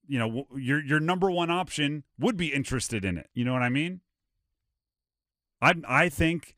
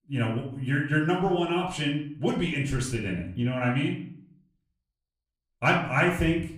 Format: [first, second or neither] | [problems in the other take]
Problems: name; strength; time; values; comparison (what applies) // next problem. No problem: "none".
first | off-mic speech; far // room echo; slight; dies away in 0.6 s